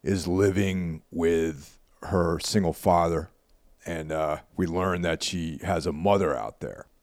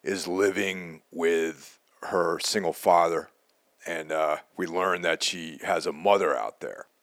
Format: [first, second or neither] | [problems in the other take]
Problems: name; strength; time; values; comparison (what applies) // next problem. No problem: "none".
first | thin; somewhat; fading below 400 Hz